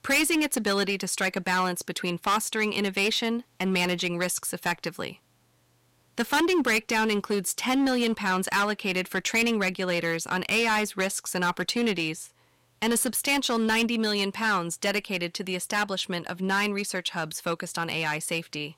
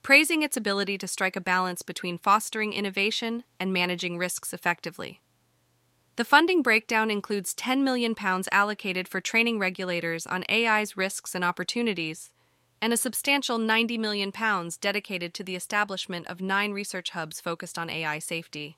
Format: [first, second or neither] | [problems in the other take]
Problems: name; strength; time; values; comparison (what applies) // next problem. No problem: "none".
second | distortion; heavy; 9% of the sound clipped